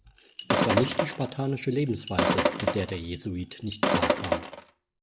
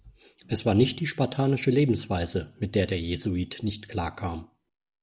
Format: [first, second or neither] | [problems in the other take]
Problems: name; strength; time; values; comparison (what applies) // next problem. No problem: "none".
second | background sound (Sink (filling or washing)); 3 dB above the speech